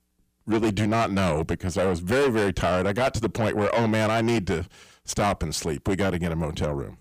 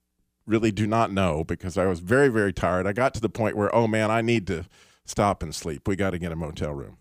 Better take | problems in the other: second | distortion; heavy; 6 dB below the speech

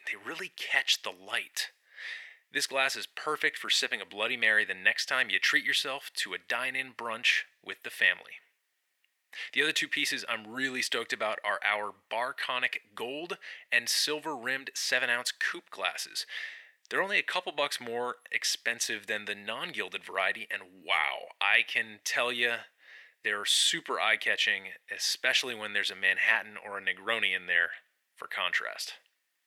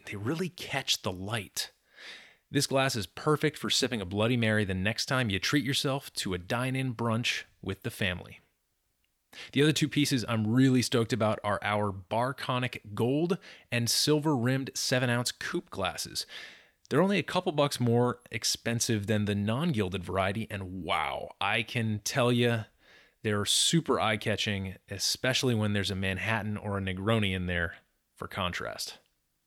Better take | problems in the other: second | thin; very; fading below 550 Hz

